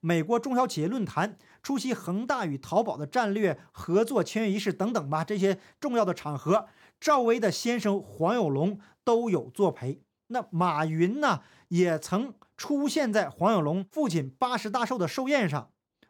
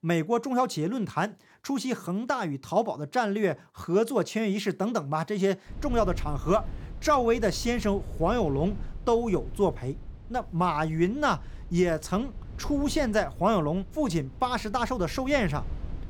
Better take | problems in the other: first | low rumble; faint; from 5.5 s on; 25 dB below the speech

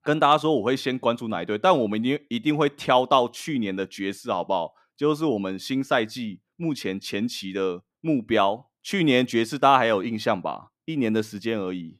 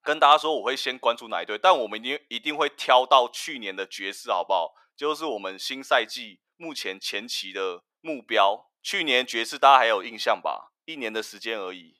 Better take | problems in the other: first | thin; very; fading below 700 Hz

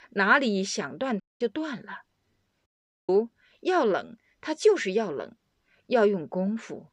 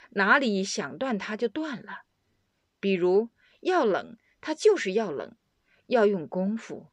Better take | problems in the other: second | audio cutting out; at 1 s and at 2.5 s

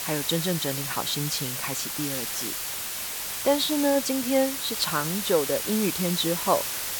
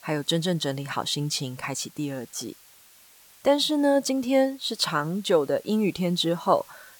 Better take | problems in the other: second | hiss; loud; throughout; 2 dB below the speech; faint in the second

